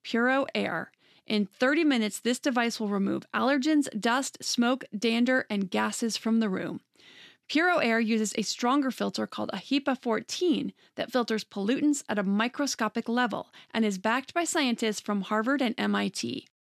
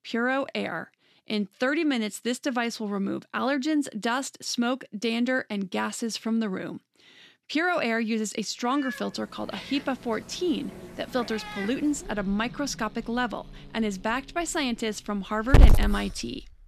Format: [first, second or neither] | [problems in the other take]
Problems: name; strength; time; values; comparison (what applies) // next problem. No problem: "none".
first | animal sounds; very loud; from 9.5 s on; 2 dB above the speech